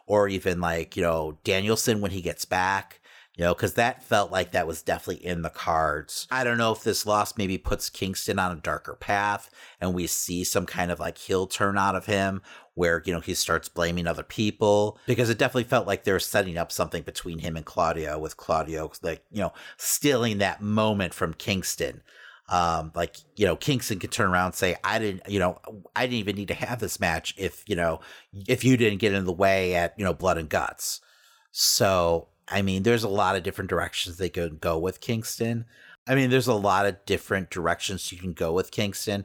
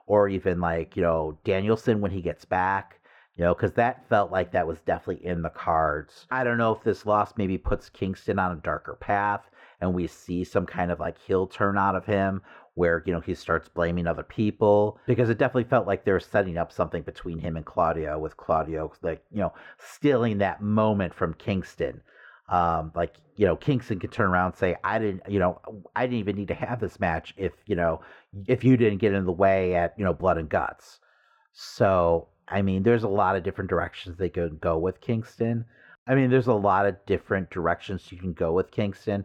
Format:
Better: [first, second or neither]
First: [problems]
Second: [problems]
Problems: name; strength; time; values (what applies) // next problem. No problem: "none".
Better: first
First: none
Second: muffled; very; fading above 3.5 kHz